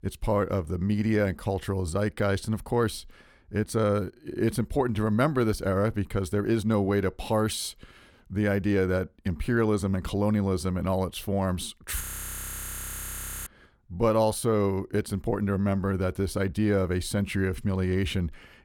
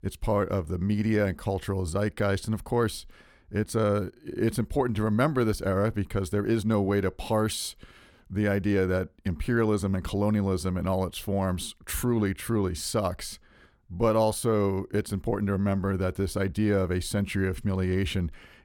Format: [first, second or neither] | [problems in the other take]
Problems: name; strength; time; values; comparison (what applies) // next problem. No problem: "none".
second | audio freezing; at 12 s for 1.5 s